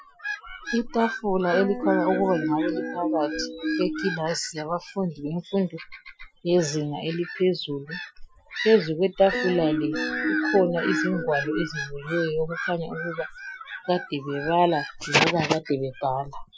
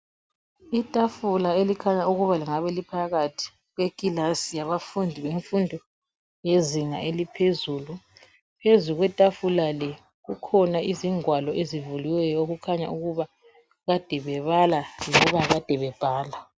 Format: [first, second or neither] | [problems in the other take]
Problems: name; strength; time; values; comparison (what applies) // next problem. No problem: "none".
second | noise reduction (classical method Wiener filter)